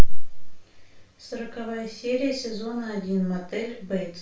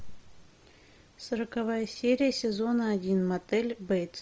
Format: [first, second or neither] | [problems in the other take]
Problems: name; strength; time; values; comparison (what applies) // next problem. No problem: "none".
second | room echo; dies away in 0.3 s